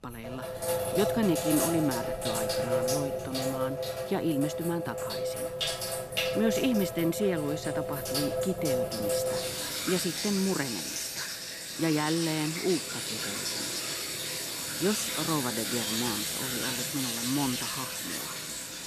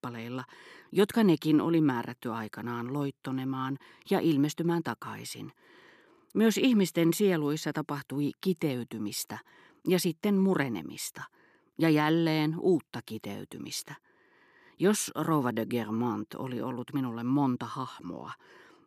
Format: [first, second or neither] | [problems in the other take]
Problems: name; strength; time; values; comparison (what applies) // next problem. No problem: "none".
second | household noises; very loud; throughout; 1 dB above the speech